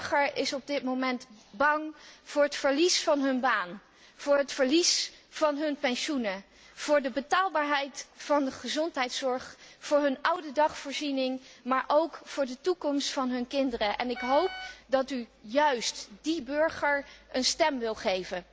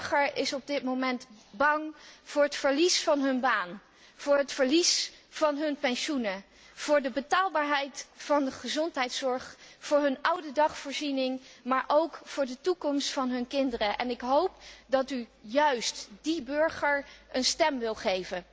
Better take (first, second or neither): second